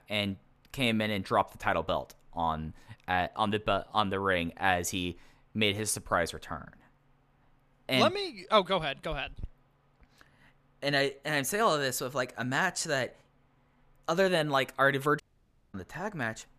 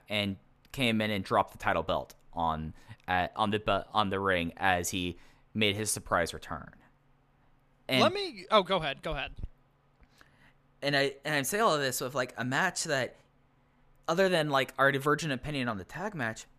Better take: second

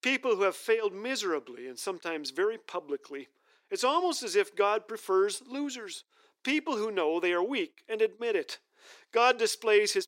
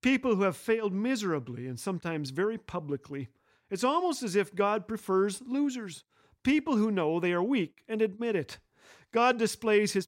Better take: second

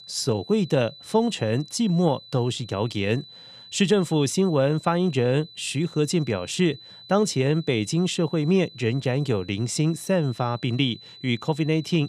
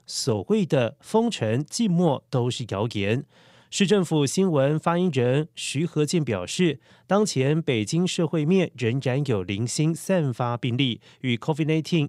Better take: second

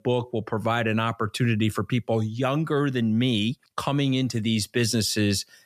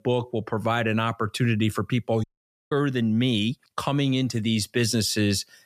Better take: first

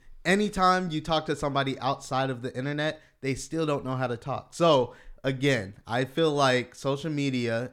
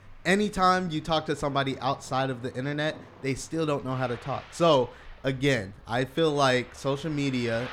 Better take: first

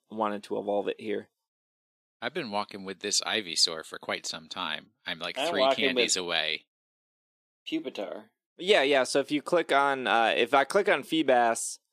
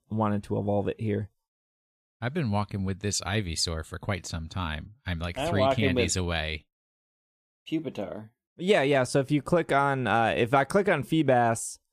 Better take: second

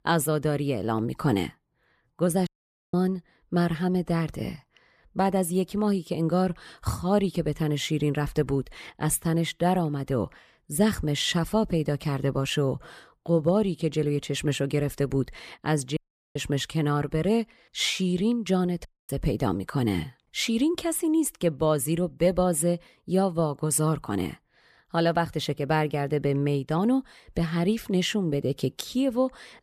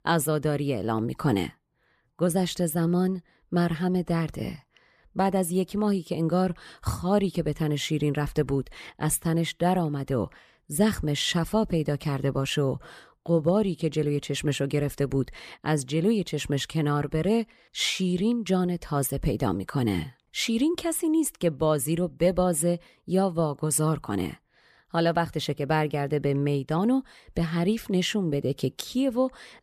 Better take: second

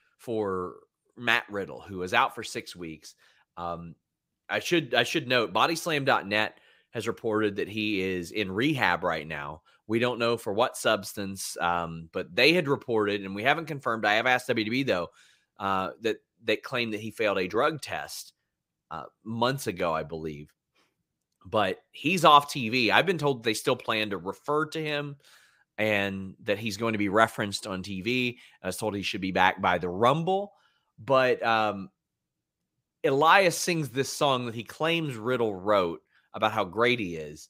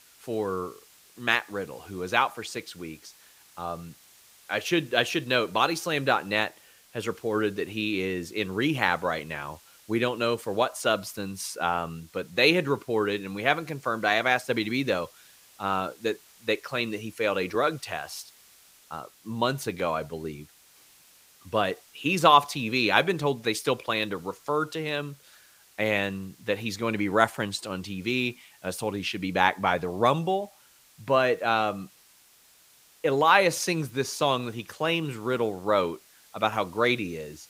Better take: first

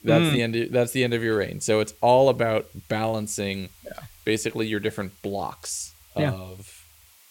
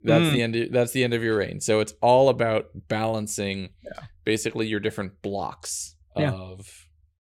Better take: second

